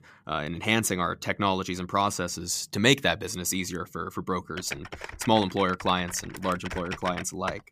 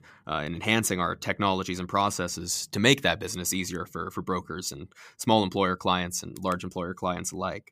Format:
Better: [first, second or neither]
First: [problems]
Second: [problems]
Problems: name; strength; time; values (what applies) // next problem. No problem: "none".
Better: second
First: keyboard typing; noticeable; from 4.5 s on; peak 9 dB below the speech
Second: none